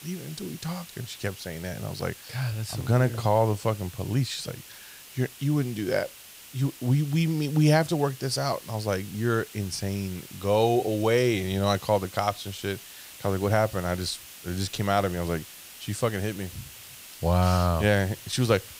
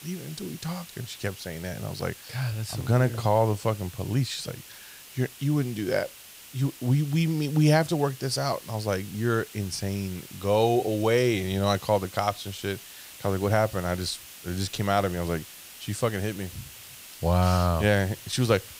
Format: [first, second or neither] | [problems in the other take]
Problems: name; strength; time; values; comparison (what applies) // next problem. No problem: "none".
neither | hiss; noticeable; throughout; 15 dB below the speech; the same in both